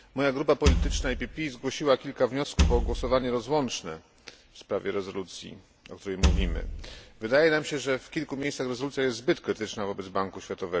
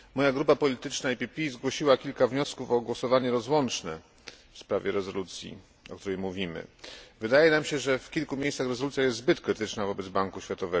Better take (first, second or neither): second